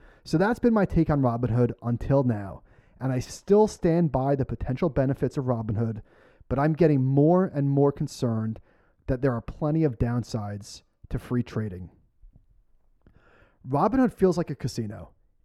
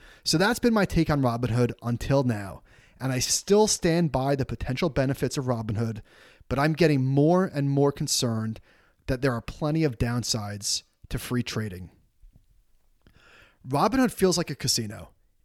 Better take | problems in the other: second | muffled; very; fading above 2 kHz

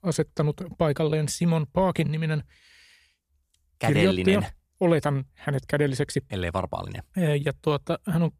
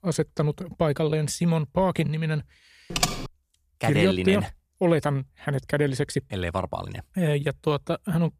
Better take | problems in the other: first | keyboard typing; loud; at 3 s; peak level with the speech

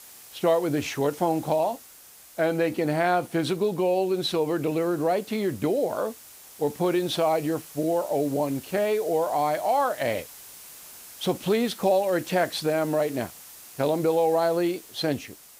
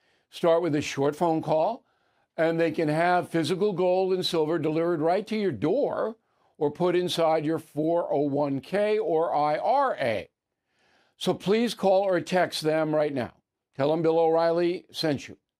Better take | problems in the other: second | hiss; noticeable; throughout; 20 dB below the speech

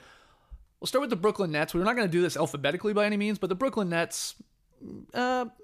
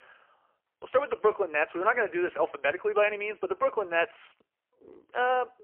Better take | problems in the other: first | phone-call audio; poor line; nothing above 2.5 kHz

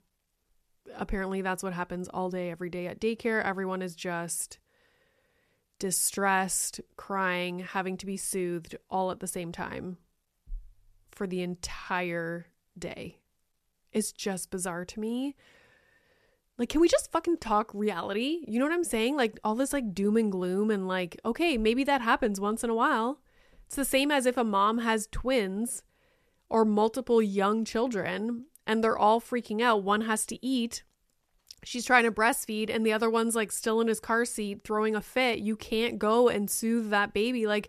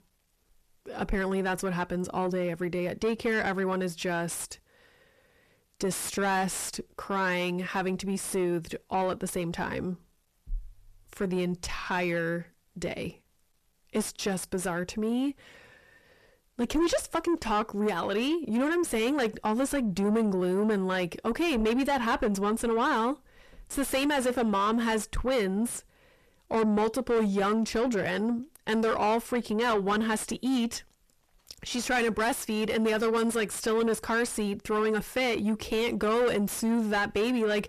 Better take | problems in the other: first | distortion; heavy; 6 dB below the speech

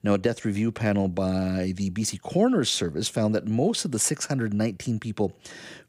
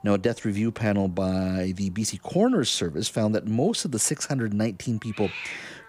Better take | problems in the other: first | hiss; noticeable; throughout; 10 dB below the speech

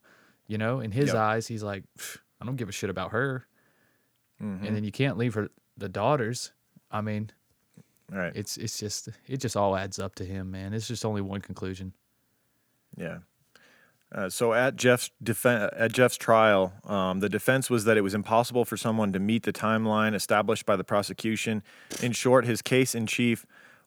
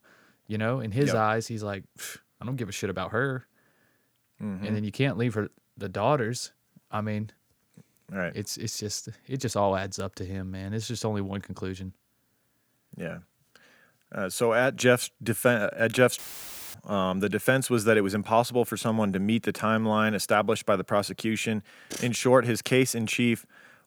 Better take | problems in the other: first | audio cutting out; filled with static; at 16 s for 0.5 s

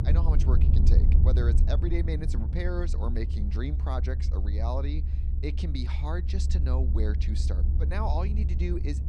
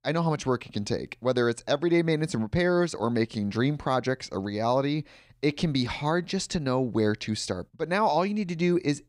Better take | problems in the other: second | low rumble; loud; throughout; 6 dB below the speech

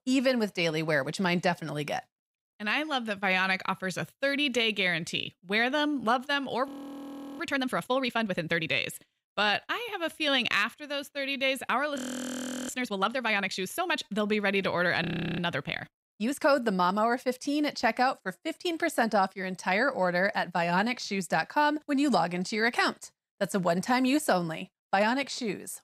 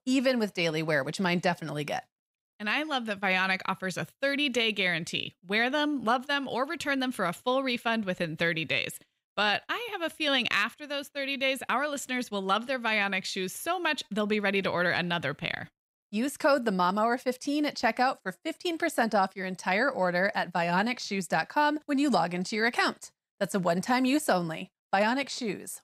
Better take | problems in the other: second | audio freezing; at 6.5 s for 0.5 s, at 12 s for 0.5 s and at 15 s

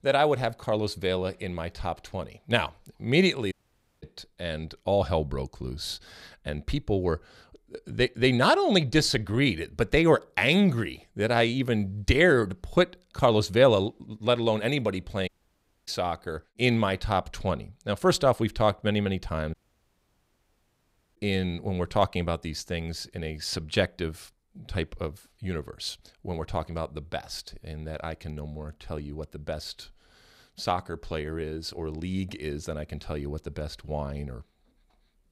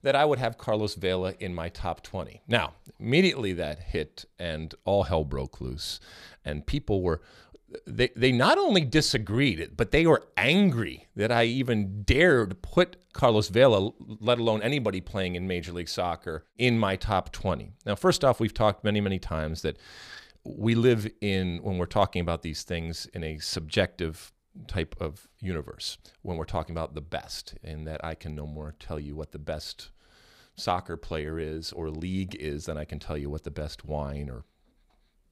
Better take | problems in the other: second | audio cutting out; at 3.5 s, at 15 s for 0.5 s and at 20 s for 1.5 s

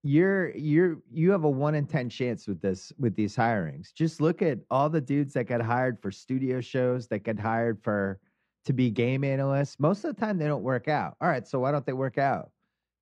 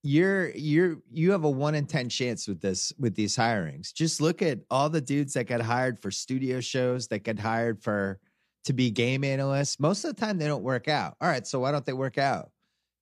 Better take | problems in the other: second | muffled; very; fading above 3.5 kHz

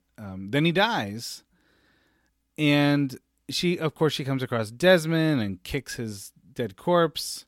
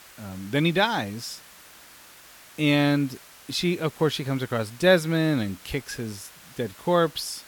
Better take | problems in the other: first | hiss; faint; throughout; 20 dB below the speech

